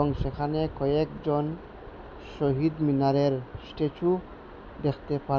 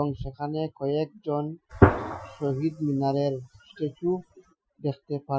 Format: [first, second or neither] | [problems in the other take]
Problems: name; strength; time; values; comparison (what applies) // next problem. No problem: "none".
first | noise reduction (classical method Wiener filter)